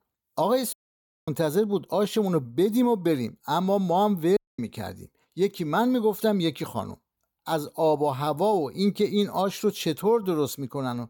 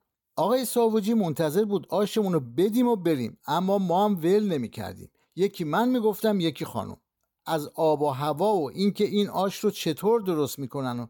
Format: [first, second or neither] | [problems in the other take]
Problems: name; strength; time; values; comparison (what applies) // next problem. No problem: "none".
second | audio cutting out; at 0.5 s for 0.5 s and at 4.5 s